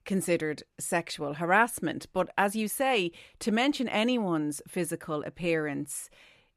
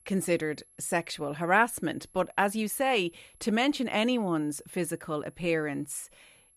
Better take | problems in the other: first | high-pitched whine; faint; throughout; 11 kHz, 30 dB below the speech

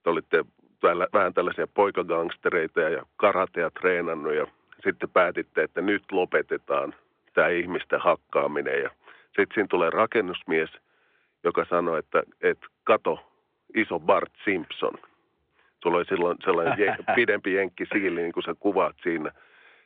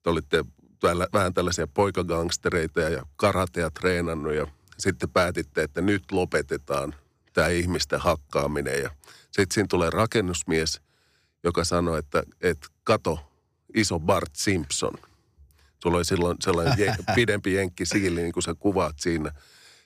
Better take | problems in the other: second | phone-call audio

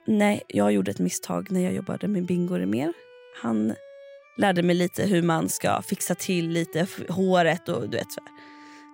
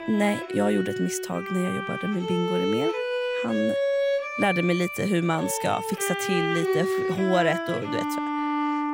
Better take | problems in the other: first | background music; loud; throughout; 1 dB below the speech; faint in the first

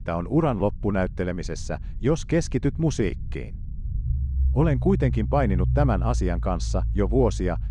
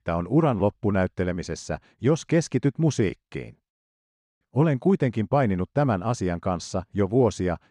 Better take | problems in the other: second | low rumble; noticeable; throughout; 20 dB below the speech

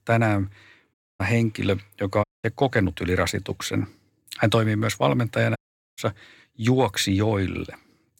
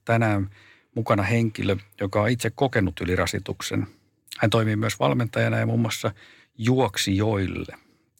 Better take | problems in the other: second | audio cutting out; at 1 s, at 2 s and at 5.5 s

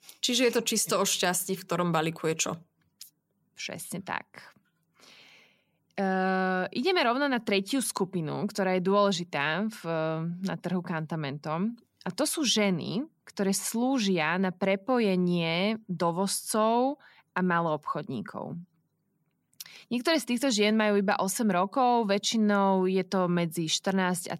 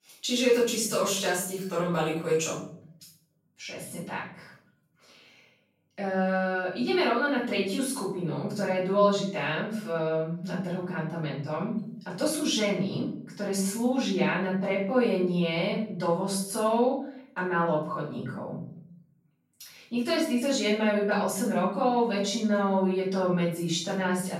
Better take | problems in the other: first | off-mic speech; far // room echo; noticeable; dies away in 0.6 s

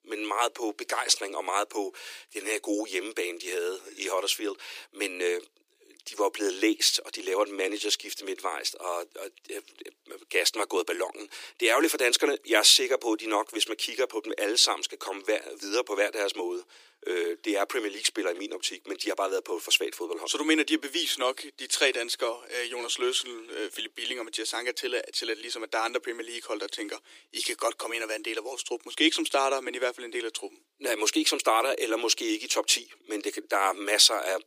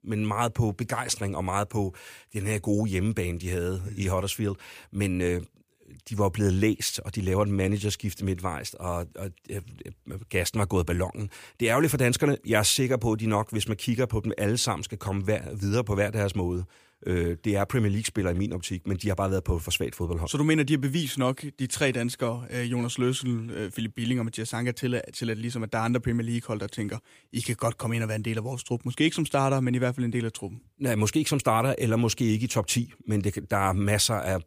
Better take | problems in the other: second | thin; very; fading below 300 Hz

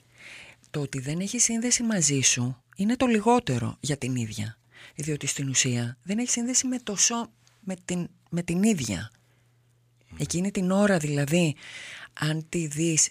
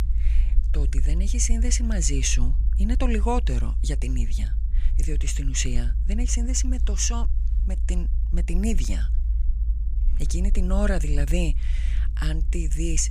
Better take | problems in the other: first | low rumble; noticeable; throughout; 15 dB below the speech

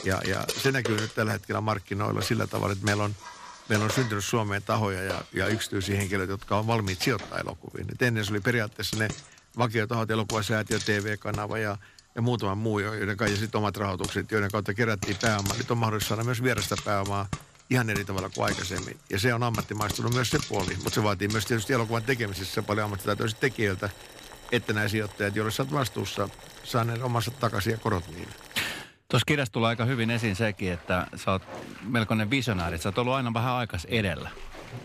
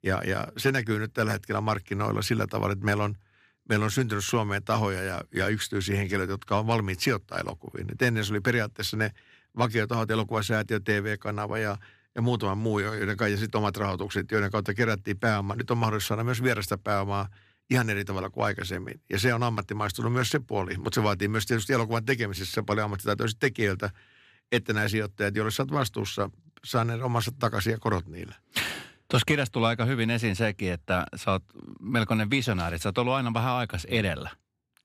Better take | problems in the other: second | household noises; noticeable; throughout; 10 dB below the speech

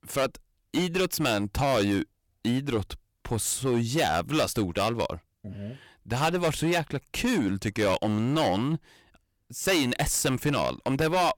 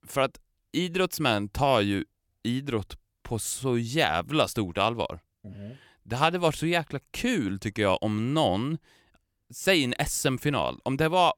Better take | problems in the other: second | distortion; heavy; 10% of the sound clipped

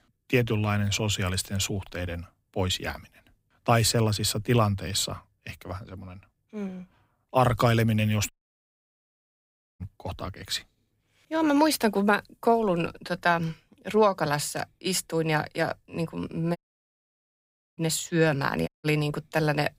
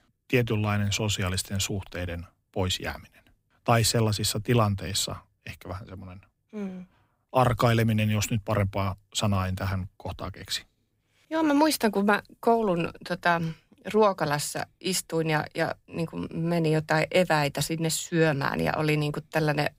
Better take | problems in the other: second | audio cutting out; at 8.5 s for 1.5 s, at 17 s for 1 s and at 19 s

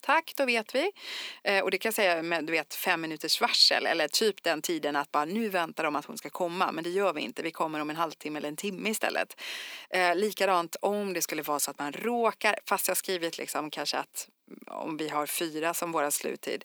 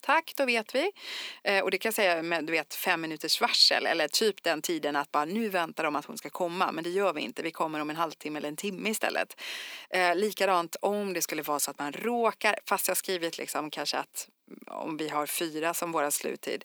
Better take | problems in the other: neither | thin; somewhat; fading below 250 Hz; the same in both

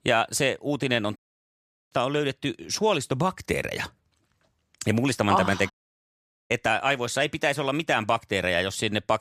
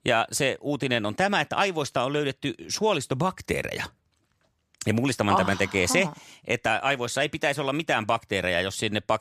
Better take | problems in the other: second | audio cutting out; at 1 s for 1 s and at 5.5 s for 1 s

